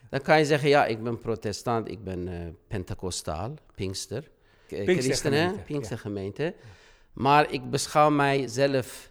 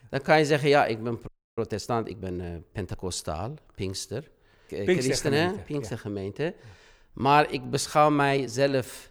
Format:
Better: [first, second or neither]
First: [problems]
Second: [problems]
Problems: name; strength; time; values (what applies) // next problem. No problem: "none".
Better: first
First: none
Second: audio freezing; at 1.5 s